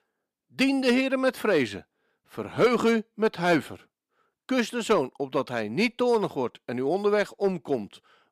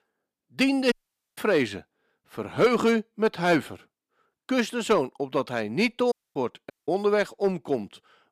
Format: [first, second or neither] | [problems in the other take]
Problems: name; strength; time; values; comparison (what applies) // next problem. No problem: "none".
first | audio cutting out; at 1 s, at 6 s and at 6.5 s